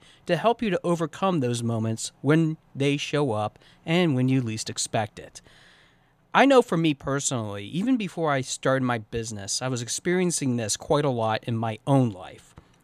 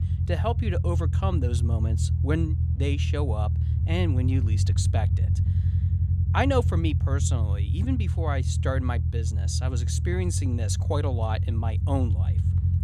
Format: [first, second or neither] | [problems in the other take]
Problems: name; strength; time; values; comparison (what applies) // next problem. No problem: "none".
first | low rumble; loud; throughout; 7 dB below the speech